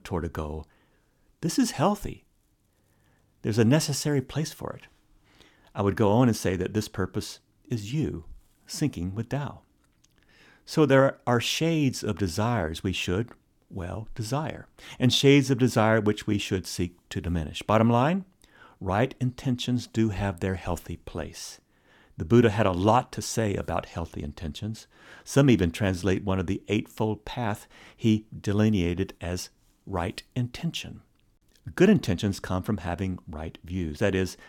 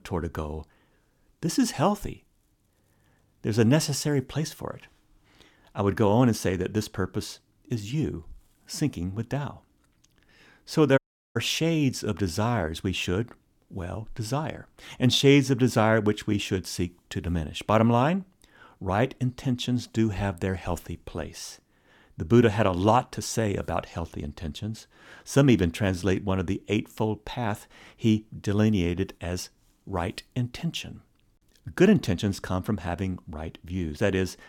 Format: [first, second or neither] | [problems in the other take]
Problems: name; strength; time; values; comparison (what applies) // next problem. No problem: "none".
first | audio cutting out; at 11 s